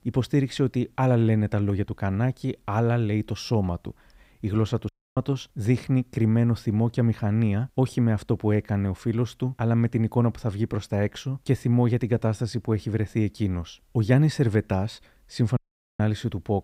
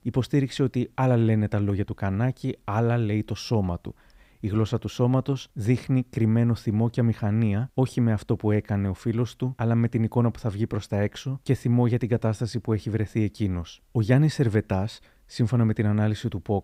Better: second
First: audio cutting out; at 5 s and at 16 s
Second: none

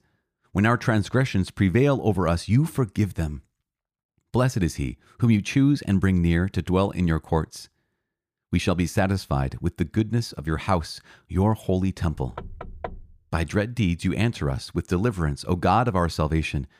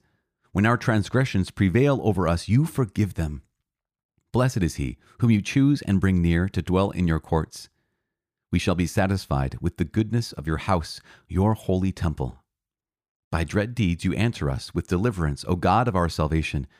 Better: second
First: door banging; faint; at 12 s; peak 15 dB below the speech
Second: none

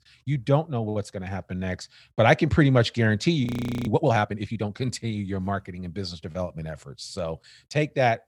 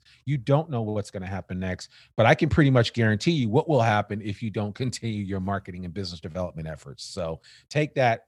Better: second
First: audio freezing; at 3.5 s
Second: none

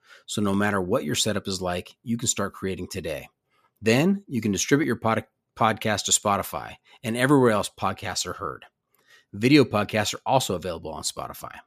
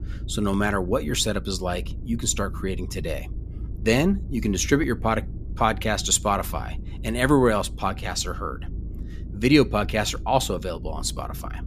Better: first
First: none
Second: low rumble; faint; throughout; 25 dB below the speech

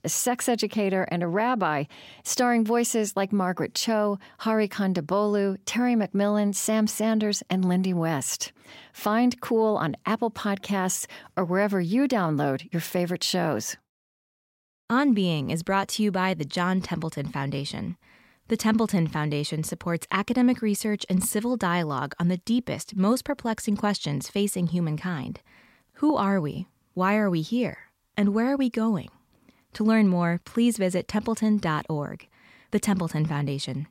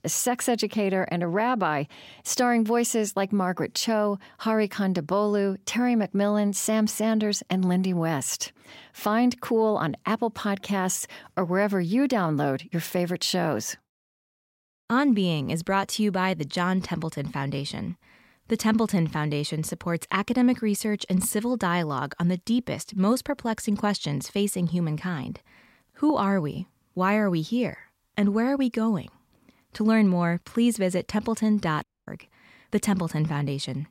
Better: first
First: none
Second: audio cutting out; at 32 s

